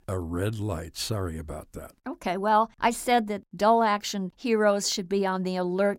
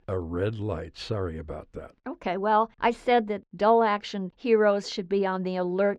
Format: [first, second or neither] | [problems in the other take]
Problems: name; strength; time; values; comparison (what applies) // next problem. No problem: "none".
first | muffled; slightly; fading above 3 kHz